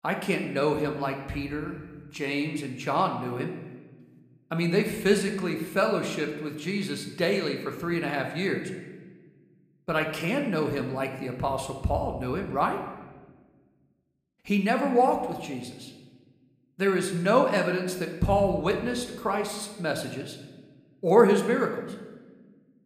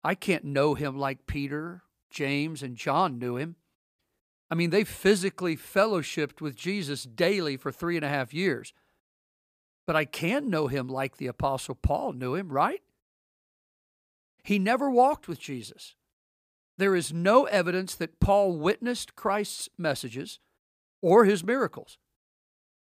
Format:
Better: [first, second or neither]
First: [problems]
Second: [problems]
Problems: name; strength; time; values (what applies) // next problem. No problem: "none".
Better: second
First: room echo; slight; dies away in 1 s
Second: none